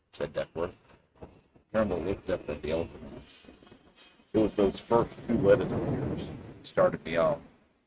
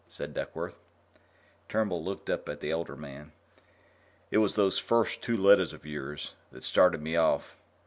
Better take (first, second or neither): second